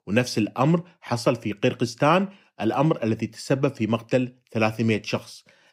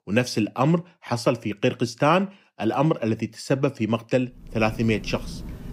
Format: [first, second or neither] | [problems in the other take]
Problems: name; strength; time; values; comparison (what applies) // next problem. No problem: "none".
first | rain or running water; noticeable; from 4.5 s on; 15 dB below the speech